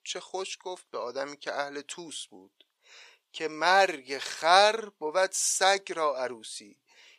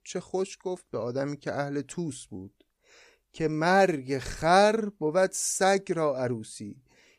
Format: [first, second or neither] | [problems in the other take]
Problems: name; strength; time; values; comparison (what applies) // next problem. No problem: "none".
second | thin; very; fading below 550 Hz